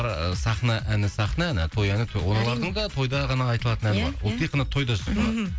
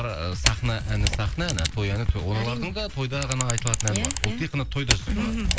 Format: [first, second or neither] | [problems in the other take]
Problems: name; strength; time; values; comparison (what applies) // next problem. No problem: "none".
first | background sound (Camera); 2 dB below the speech